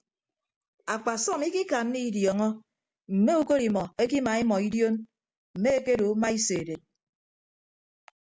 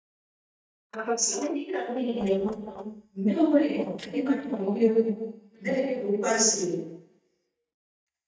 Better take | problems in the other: first | noise reduction (neural mask model DeepFilterNet 3)

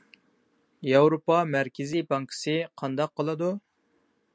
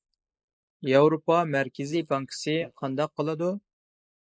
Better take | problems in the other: first | noise reduction (neural mask model Resemble Enhance denoiser)

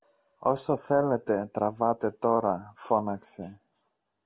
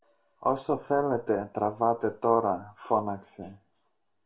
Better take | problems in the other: first | room echo; dies away in 0.2 s

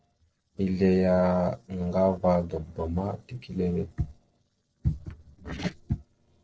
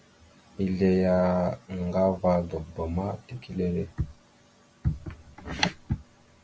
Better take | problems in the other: second | noise reduction (neural separator model SepFormer DNS4)

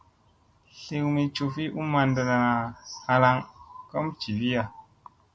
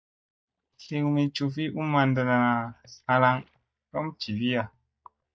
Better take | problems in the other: first | noise reduction (neural mask model DeepFilterNet 3)

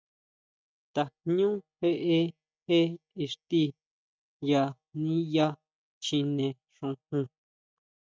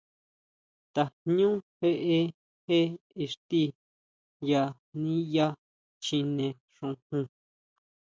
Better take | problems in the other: second | noise reduction (neural mask model DeepFilterNet 3)

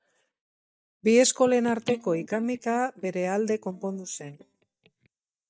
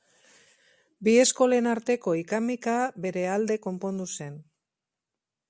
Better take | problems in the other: second | noise reduction (neural mask model DeepFilterNet 3)

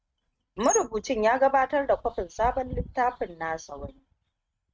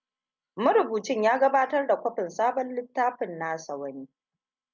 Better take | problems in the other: second | noise reduction (neural mask model RNNoise)

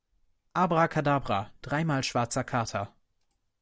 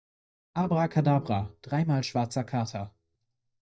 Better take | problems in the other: first | noise reduction (neural mask model DeepFilterNet 3)

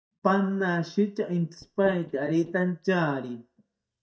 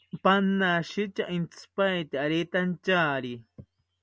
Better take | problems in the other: second | noise reduction (neural mask model DeepFilterNet 3)

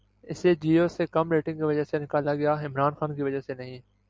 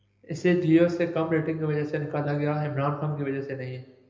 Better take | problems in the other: first | room echo; dies away in 0.9 s

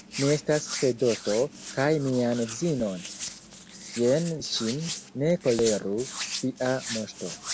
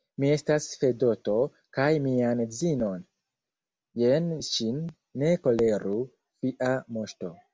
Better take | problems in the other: second | background sound (Hands); 10 dB below the speech

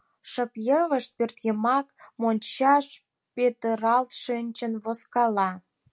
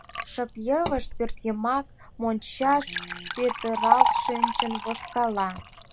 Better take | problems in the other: first | background sound (Liquid); 1 dB below the speech

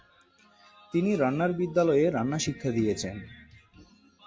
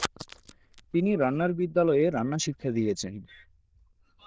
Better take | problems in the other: first | noise reduction (neural diffusion model UNIVERSE++)

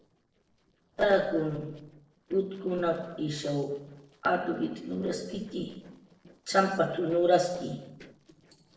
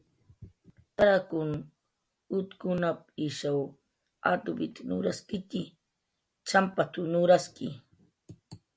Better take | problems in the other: second | noise reduction (neural separator model SepFormer DNS4)

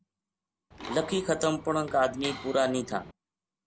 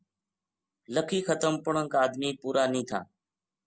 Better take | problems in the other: second | background sound (Mechanisms); 13 dB below the speech

